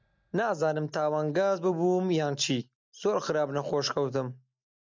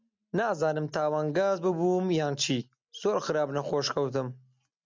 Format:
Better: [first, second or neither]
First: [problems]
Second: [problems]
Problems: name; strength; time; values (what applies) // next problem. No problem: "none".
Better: second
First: noise reduction (neural mask model DeepFilterNet 3)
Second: none